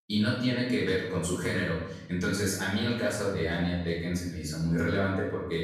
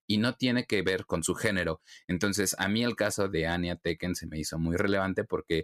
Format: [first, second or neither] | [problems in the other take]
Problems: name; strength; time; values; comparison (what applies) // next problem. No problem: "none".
second | off-mic speech; far // room echo; noticeable; dies away in 0.9 s